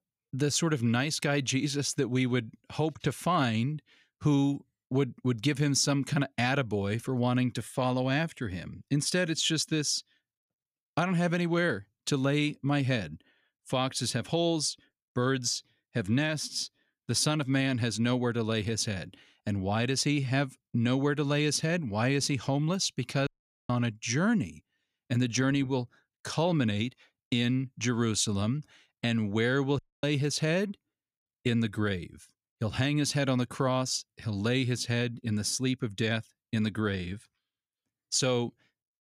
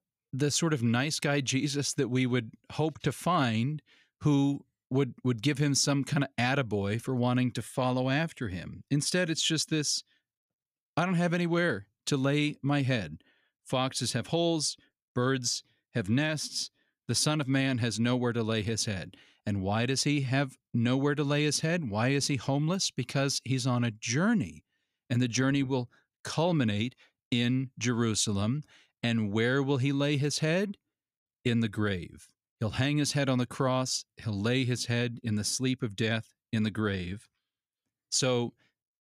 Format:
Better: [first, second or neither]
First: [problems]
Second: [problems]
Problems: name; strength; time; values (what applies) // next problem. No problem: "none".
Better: second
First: audio cutting out; at 23 s and at 30 s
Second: none